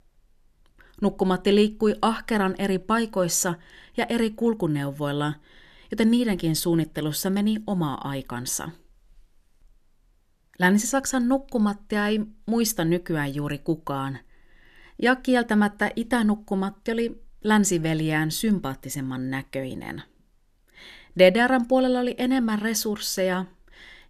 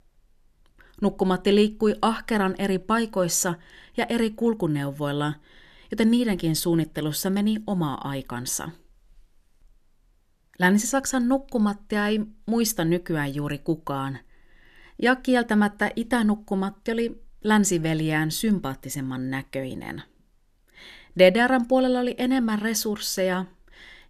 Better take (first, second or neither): neither